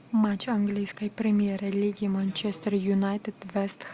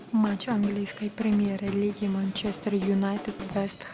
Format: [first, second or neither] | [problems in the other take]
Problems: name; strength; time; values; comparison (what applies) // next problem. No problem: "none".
first | background sound (Drum kit); 13 dB below the speech